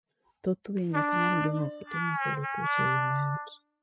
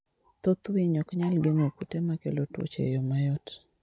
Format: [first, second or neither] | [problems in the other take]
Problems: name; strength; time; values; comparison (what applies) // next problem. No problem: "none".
second | noise reduction (classical method spectral subtraction)